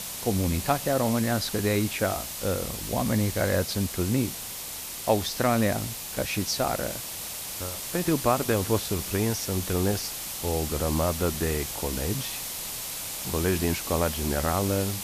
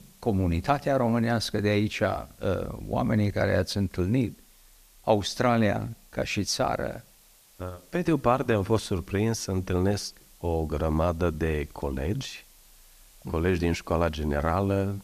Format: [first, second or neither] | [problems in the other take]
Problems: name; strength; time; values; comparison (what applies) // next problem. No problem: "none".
second | hiss; loud; throughout; 5 dB below the speech; faint in the second